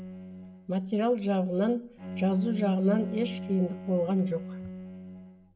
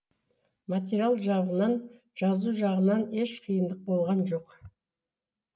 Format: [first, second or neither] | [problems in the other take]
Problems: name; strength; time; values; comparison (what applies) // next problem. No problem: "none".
second | background sound (Bowed string instrument); 9 dB below the speech